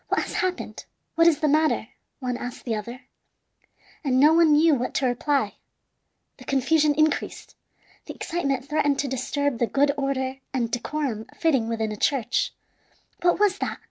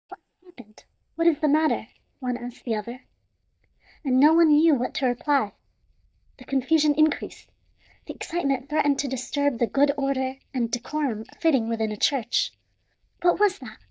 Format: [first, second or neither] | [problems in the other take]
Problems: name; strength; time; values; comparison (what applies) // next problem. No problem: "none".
first | noise reduction (neural mask model DeepFilterNet 3)